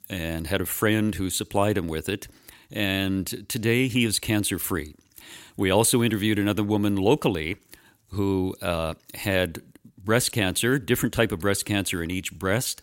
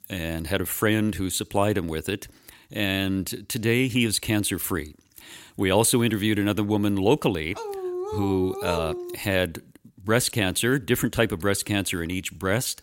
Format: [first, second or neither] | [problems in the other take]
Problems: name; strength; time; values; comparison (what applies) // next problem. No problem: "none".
first | dog barking; noticeable; from 7.5 to 9 s; peak 6 dB below the speech